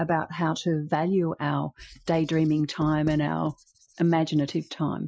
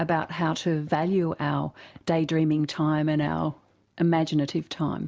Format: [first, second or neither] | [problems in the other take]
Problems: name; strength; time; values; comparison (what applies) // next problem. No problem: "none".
second | noise reduction (classical method Wiener filter)